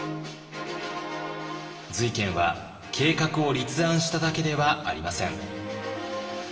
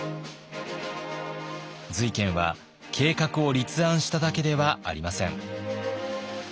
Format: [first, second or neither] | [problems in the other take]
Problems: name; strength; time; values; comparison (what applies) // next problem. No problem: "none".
second | room echo; dies away in 1.6 s